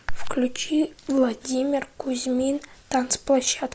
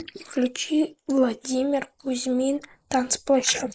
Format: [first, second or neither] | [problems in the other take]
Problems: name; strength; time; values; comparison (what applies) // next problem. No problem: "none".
first | noise reduction (neural mask model Resemble Enhance denoiser)